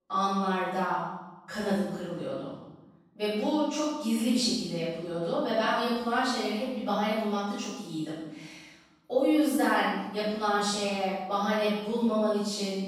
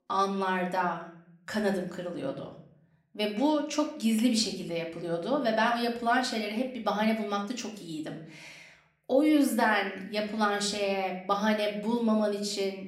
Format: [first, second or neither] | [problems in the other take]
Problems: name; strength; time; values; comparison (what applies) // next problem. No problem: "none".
second | room echo; strong; dies away in 1 s; slight in the second // off-mic speech; far; somewhat distant in the second